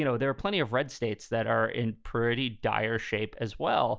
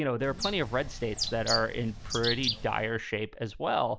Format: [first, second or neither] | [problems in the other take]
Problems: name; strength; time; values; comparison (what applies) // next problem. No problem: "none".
first | background sound (Bird); 5 dB below the speech